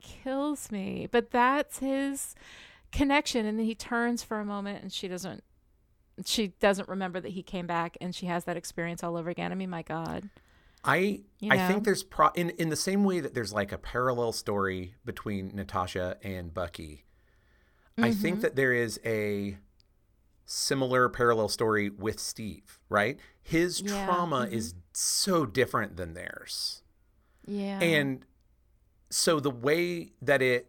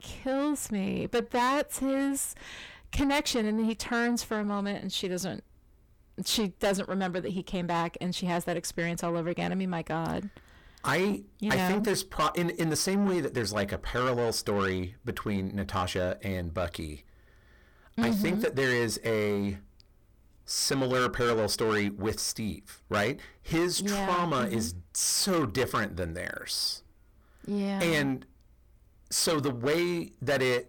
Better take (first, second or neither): first